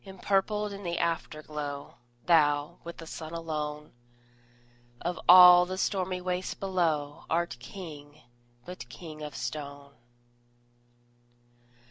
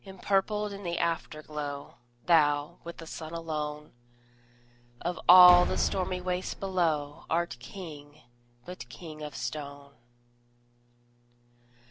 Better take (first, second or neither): first